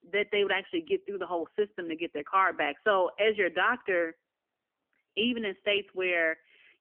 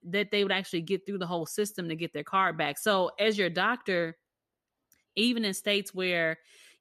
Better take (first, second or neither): second